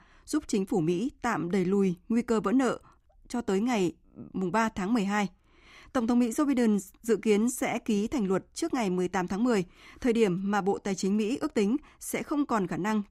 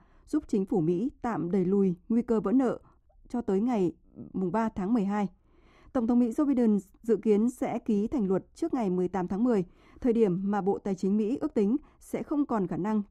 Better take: first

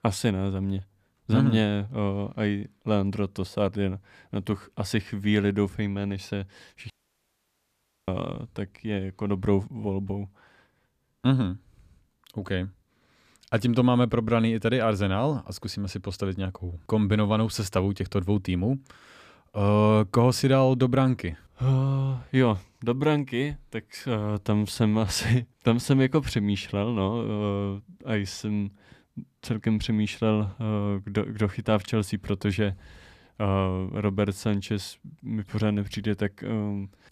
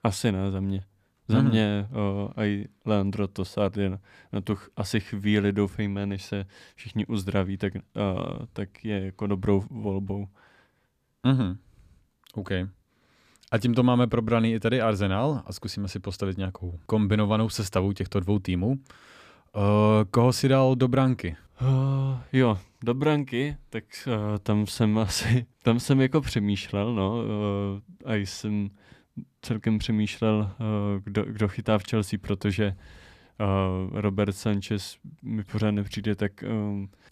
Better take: second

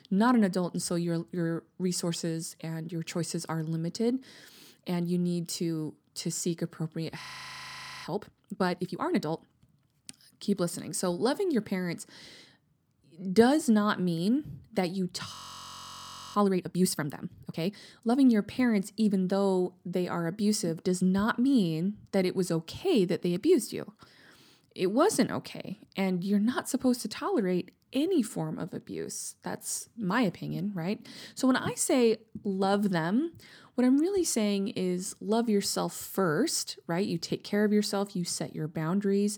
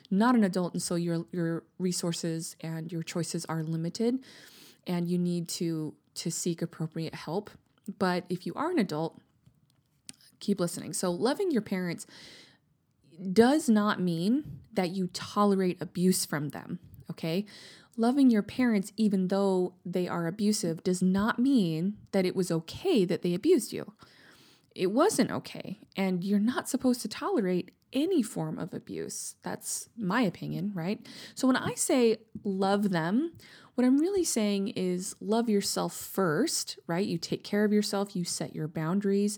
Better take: second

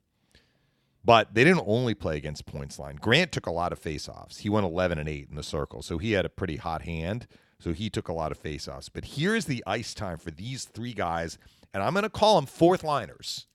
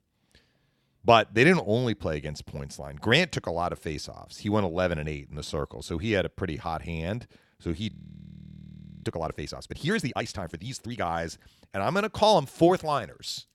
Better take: first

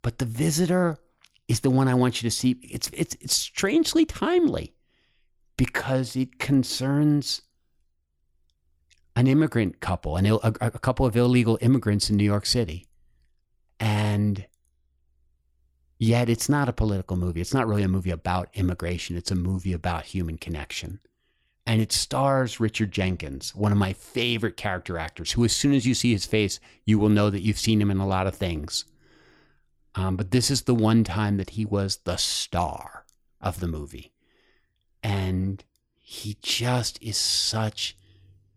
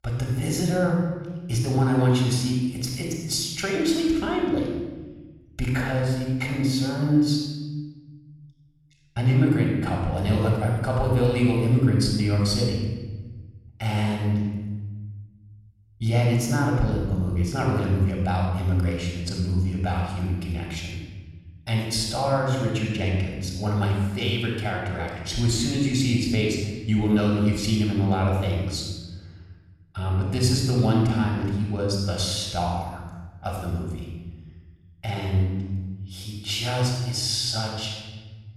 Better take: first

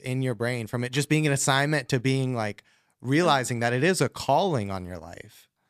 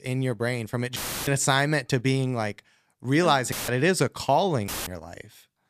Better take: first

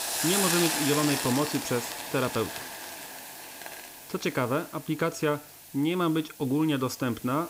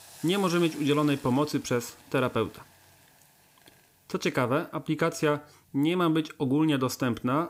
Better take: second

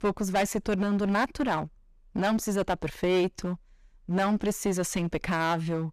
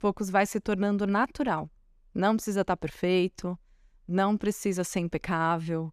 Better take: second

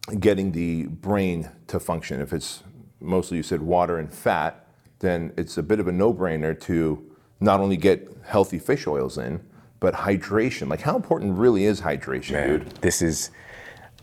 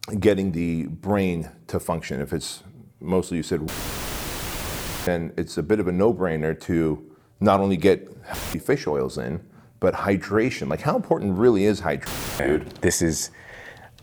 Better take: first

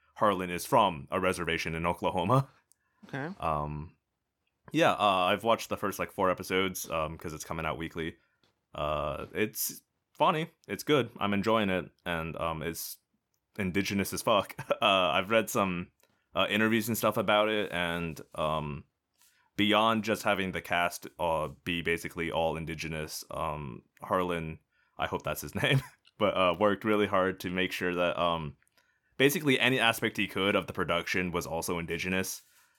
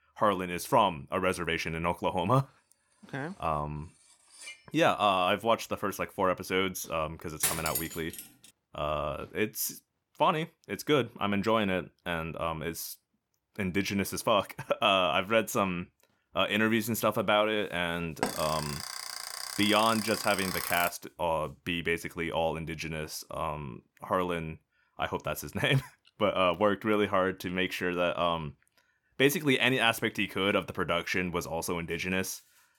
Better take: first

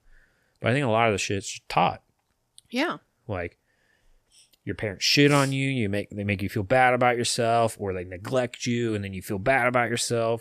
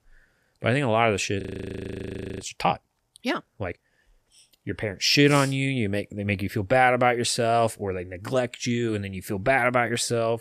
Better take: first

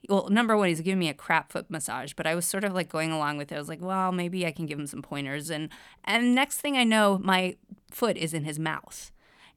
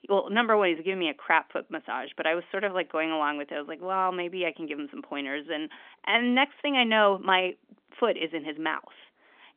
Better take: first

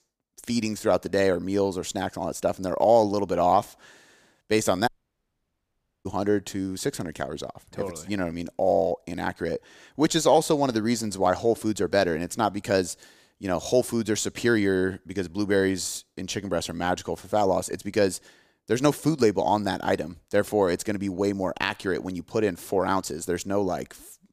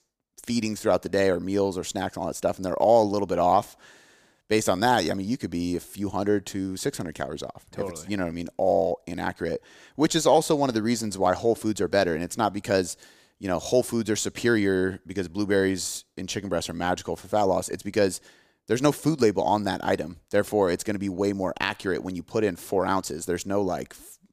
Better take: second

